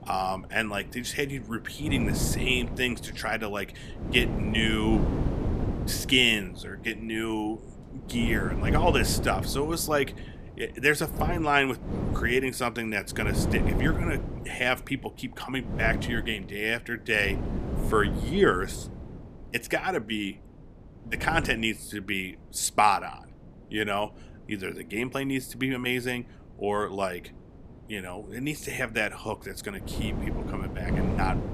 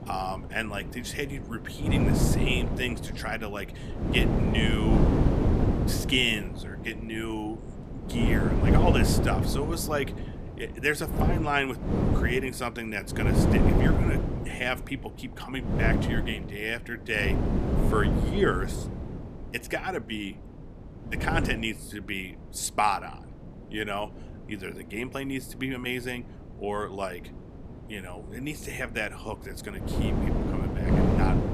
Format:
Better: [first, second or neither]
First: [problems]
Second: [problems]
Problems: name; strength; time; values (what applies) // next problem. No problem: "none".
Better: first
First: wind noise on the microphone; occasional gusts; 10 dB below the speech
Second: wind noise on the microphone; heavy; 3 dB below the speech